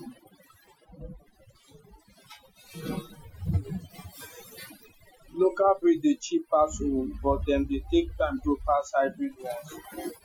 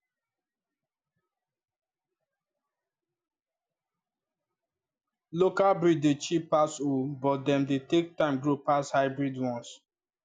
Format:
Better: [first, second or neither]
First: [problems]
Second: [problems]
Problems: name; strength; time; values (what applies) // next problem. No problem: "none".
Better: second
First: noise reduction (classical method Wiener filter)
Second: none